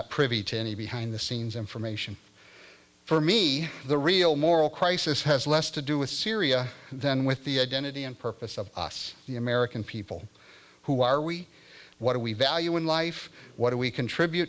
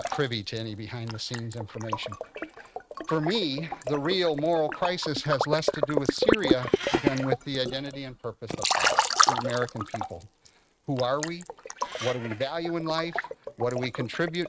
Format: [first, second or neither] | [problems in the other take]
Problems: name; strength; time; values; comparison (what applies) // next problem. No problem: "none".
first | noise reduction (neural mask model RNNoise)